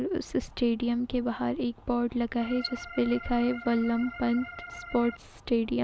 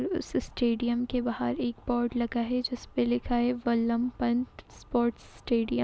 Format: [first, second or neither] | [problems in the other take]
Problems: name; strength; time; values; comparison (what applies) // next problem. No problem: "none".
second | background sound (Organ); 14 dB below the speech